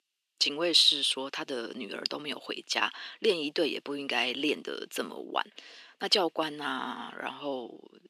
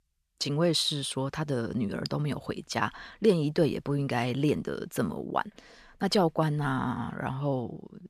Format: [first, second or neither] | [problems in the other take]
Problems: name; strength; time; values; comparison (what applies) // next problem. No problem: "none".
second | thin; somewhat; fading below 300 Hz